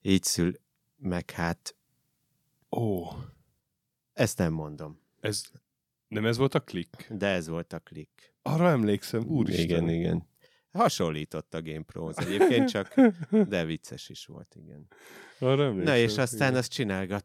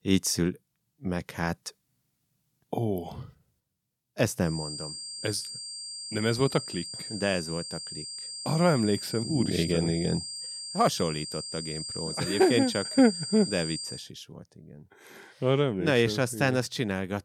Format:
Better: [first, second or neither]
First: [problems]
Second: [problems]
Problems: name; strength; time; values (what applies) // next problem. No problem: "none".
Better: first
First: none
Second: high-pitched whine; loud; from 4.5 to 14 s; 5 kHz, 7 dB below the speech